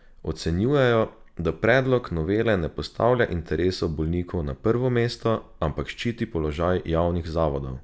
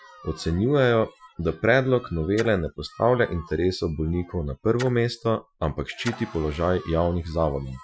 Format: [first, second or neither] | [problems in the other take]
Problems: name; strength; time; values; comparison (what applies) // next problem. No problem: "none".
first | noise reduction (classical method Wiener filter)